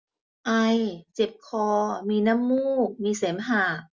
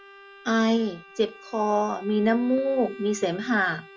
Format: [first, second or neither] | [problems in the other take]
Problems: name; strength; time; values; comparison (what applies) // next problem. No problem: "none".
first | background sound (Bowed string instrument); 19 dB below the speech